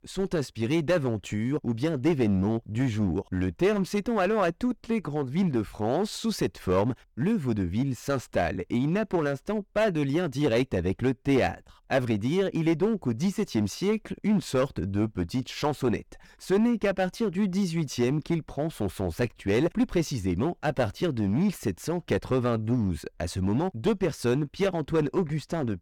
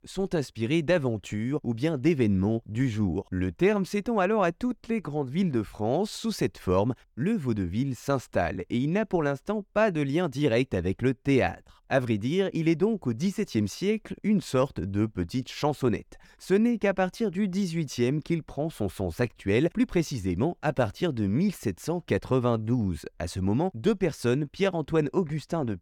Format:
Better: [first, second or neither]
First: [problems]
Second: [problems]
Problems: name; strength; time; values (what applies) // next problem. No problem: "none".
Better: second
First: distortion; slight; 6% of the sound clipped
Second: none